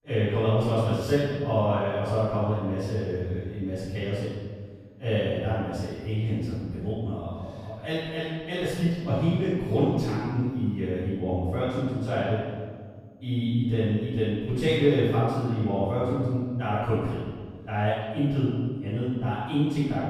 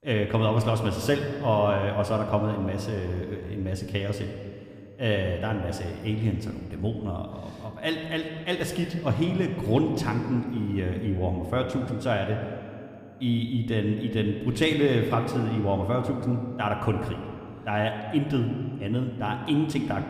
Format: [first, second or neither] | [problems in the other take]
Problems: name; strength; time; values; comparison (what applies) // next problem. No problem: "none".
second | room echo; strong; dies away in 1.5 s; slight in the second // off-mic speech; far